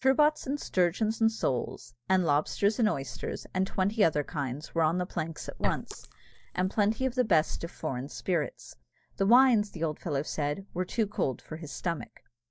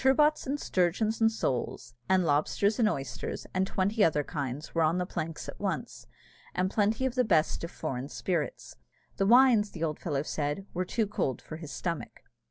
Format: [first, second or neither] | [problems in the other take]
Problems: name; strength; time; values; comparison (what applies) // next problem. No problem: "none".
second | noise reduction (neural mask model DeepFilterNet 3)